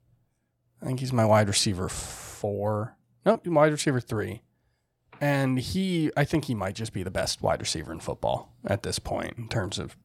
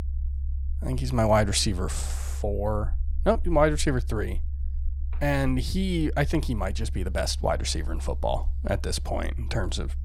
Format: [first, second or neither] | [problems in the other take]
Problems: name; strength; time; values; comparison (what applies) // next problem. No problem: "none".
first | low rumble; faint; throughout; 25 dB below the speech